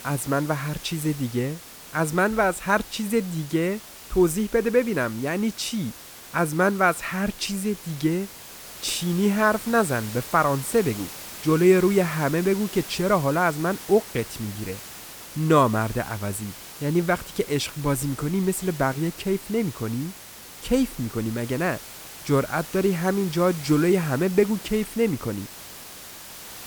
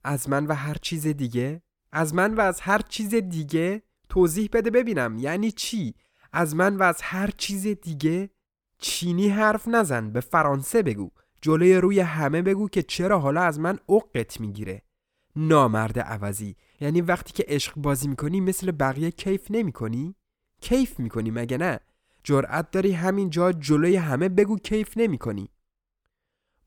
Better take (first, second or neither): second